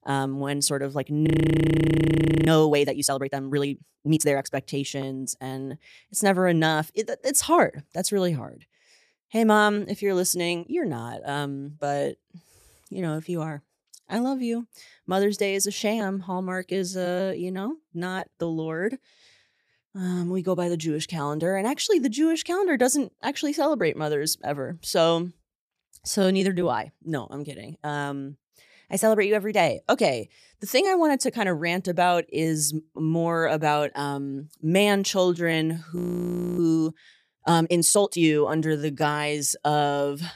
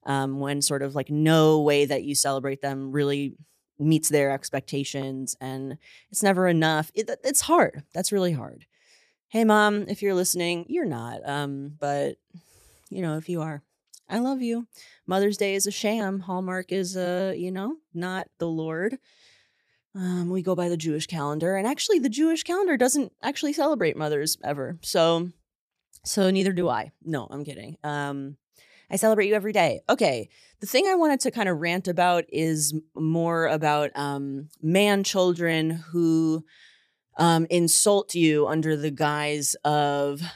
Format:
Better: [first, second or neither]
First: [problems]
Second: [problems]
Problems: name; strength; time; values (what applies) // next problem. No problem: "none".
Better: second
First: audio freezing; at 1.5 s for 1 s and at 36 s for 0.5 s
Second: none